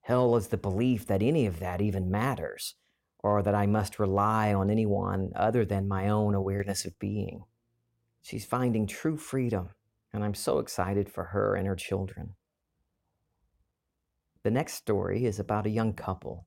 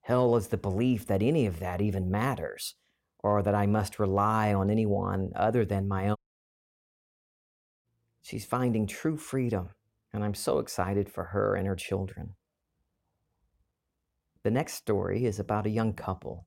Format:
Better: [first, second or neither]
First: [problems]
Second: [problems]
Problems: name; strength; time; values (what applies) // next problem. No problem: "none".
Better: first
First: none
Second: audio cutting out; at 6 s for 1.5 s